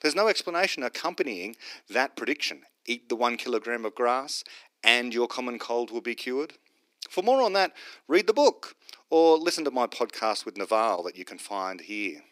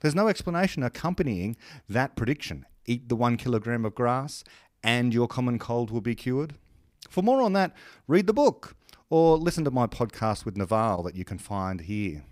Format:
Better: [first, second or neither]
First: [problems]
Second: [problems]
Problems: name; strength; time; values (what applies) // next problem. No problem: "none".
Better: second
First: thin; somewhat; fading below 300 Hz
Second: none